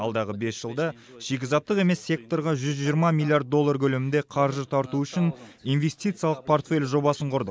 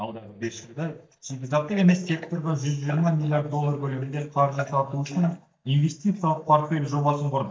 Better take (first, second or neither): first